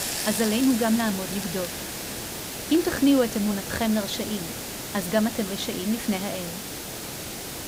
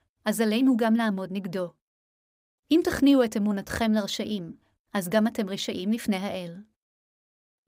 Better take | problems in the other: second | hiss; loud; throughout; 6 dB below the speech

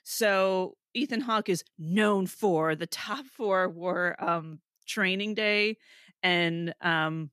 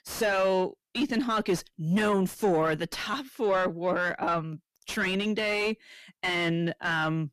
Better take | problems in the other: first | distortion; heavy; 7 dB below the speech

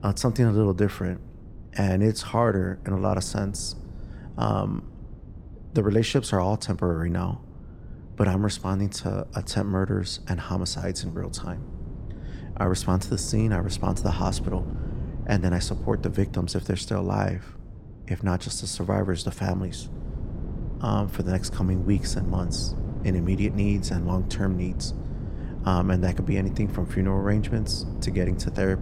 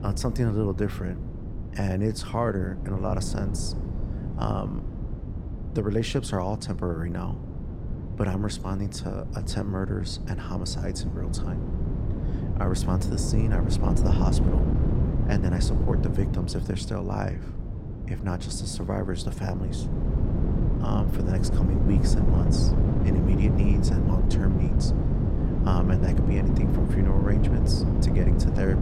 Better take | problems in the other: first | wind noise on the microphone; heavy; 3 dB below the speech; occasional gusts in the first

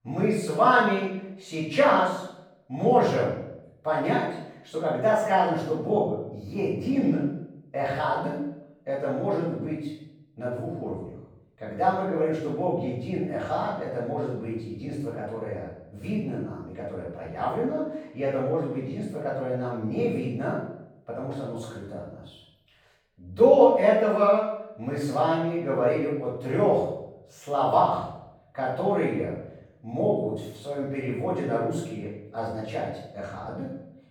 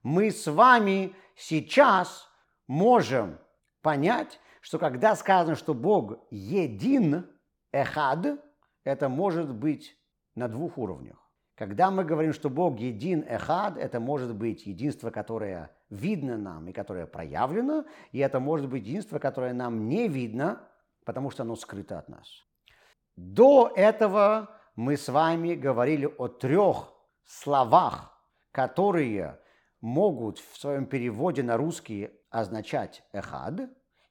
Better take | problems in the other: second | off-mic speech; far // room echo; noticeable; dies away in 0.7 s

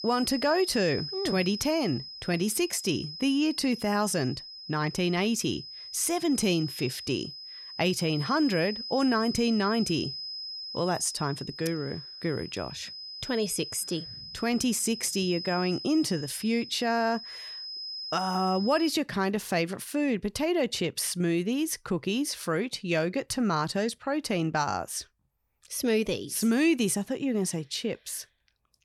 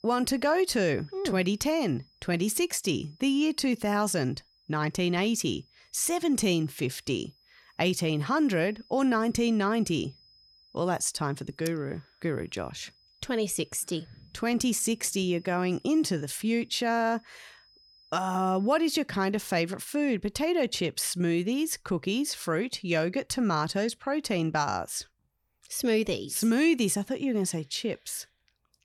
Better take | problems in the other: second | high-pitched whine; loud; until 19 s; 5 kHz, 9 dB below the speech; faint in the second

